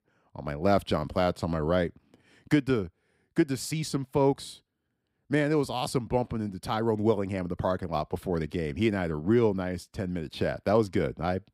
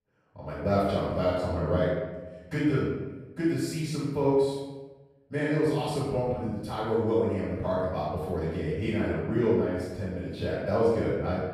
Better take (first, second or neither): first